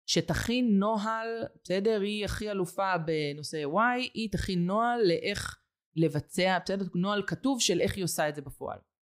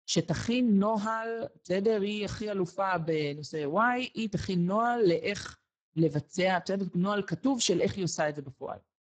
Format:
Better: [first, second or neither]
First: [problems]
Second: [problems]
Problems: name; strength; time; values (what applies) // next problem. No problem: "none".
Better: first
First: none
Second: garbled, watery; badly; nothing above 7.5 kHz